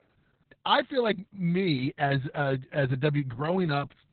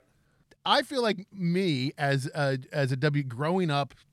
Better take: second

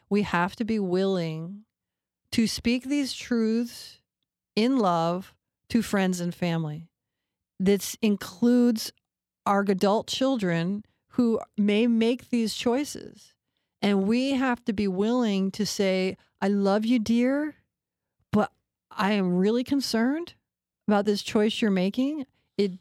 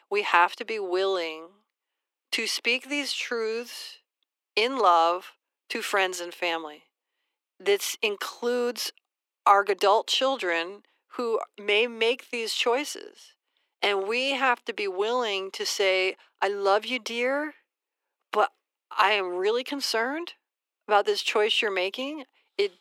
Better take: first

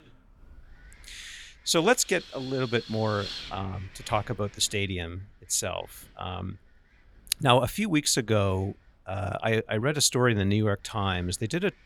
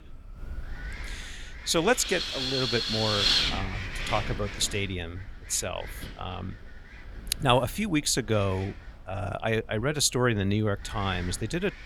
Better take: first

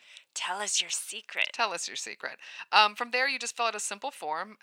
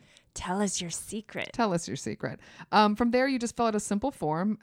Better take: second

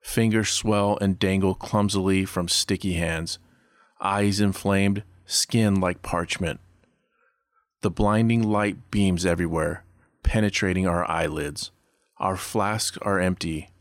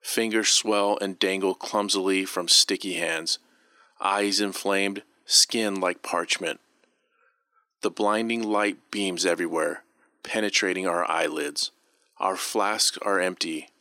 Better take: first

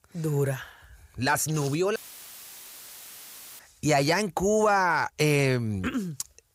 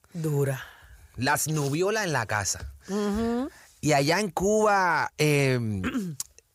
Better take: second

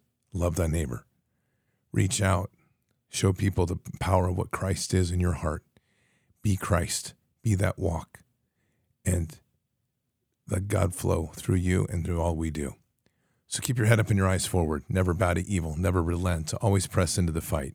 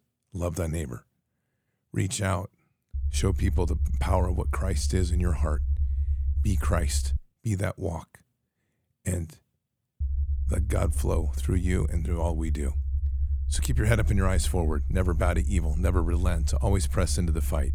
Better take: first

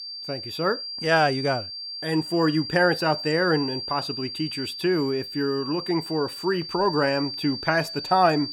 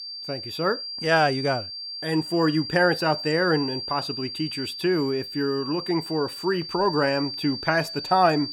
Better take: neither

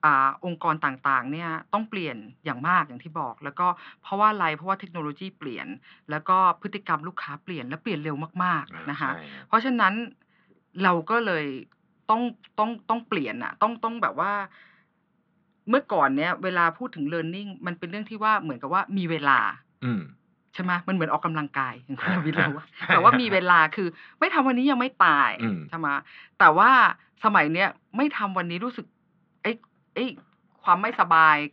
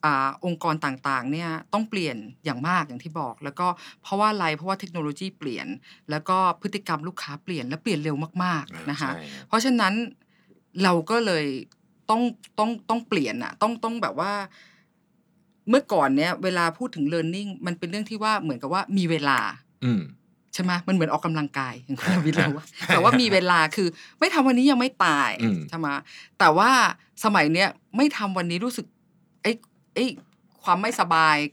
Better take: second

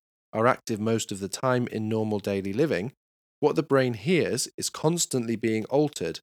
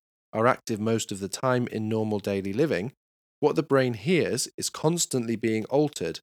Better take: neither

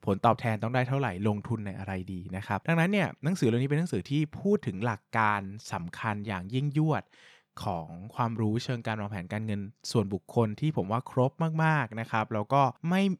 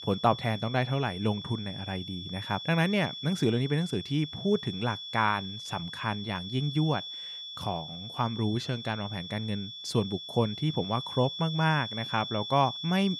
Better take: first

